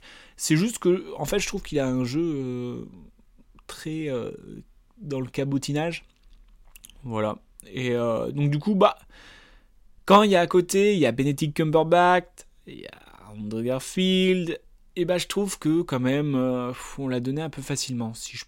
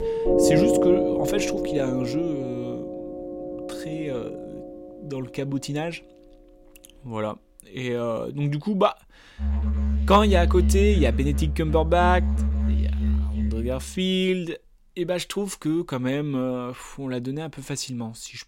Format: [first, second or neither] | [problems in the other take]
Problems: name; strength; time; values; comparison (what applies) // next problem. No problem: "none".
first | background music; very loud; until 14 s; 1 dB above the speech